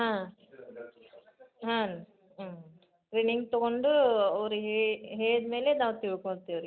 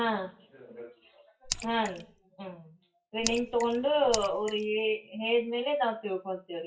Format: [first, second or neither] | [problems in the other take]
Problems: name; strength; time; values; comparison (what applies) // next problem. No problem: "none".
first | noise reduction (classical method WPE with log-MMSE)